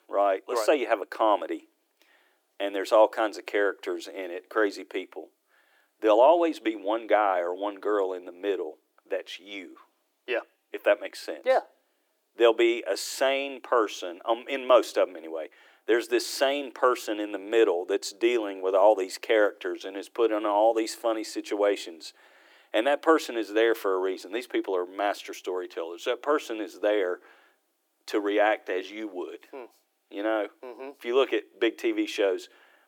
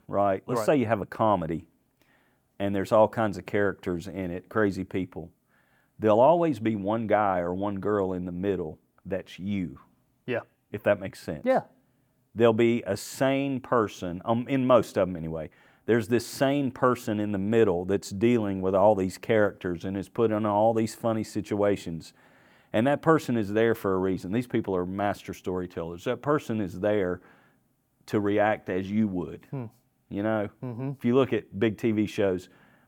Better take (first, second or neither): second